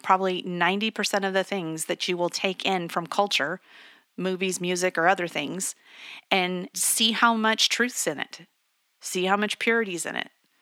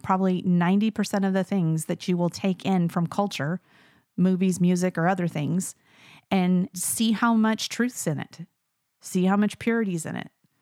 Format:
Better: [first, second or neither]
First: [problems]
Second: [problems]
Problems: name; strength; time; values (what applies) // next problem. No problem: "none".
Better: second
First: thin; somewhat; fading below 300 Hz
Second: none